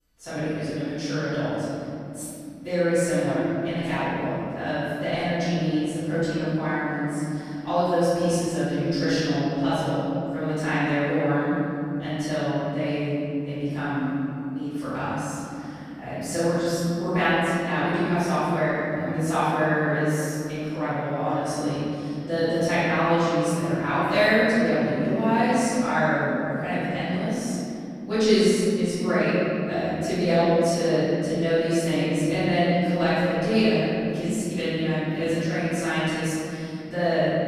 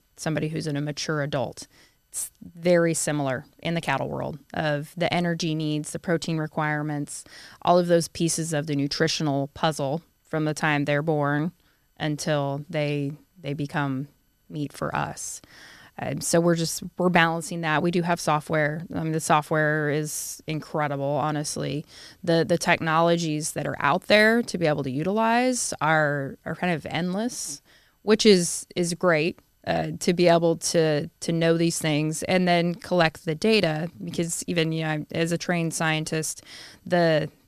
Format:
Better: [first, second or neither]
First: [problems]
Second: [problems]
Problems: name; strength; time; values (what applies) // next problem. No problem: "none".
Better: second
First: room echo; strong; dies away in 3 s // off-mic speech; far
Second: none